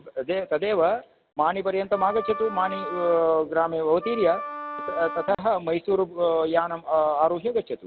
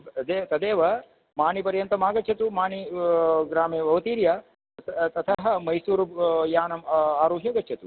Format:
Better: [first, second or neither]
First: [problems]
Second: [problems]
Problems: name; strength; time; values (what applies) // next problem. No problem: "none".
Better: second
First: background sound (Wind instrument, woodwind instrument); 10 dB below the speech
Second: none